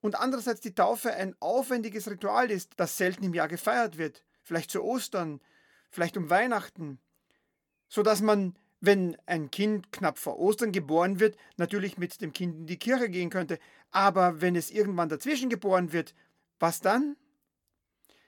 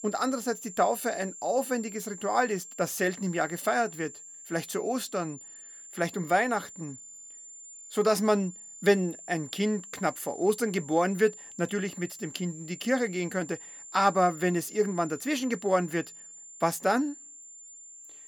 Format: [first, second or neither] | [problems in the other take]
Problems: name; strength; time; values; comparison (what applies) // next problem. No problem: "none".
first | high-pitched whine; noticeable; throughout; 7 kHz, 15 dB below the speech